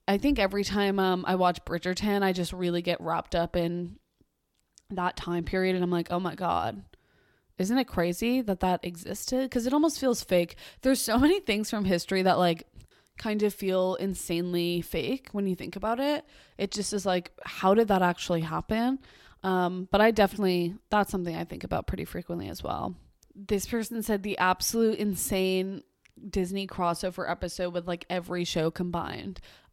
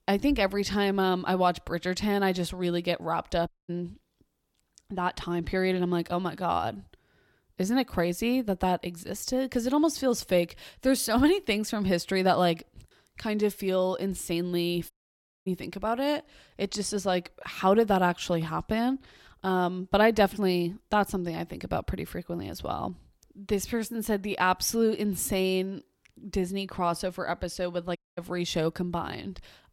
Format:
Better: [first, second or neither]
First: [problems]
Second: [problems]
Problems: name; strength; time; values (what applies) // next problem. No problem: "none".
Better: first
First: none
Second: audio cutting out; at 3.5 s, at 15 s for 0.5 s and at 28 s